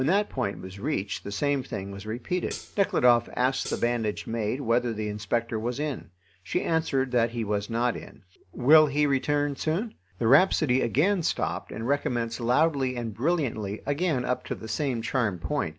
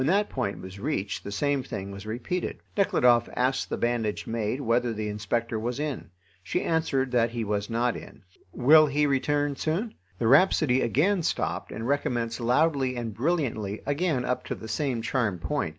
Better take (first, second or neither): second